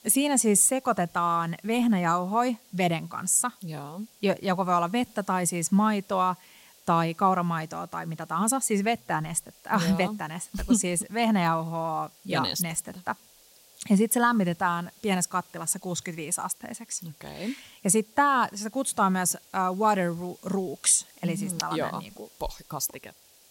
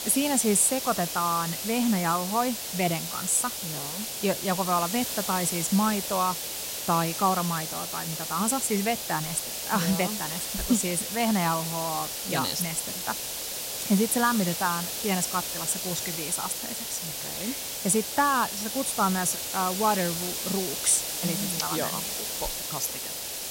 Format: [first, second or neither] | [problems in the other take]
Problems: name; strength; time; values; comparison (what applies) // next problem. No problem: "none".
first | hiss; loud; throughout; 3 dB below the speech; faint in the first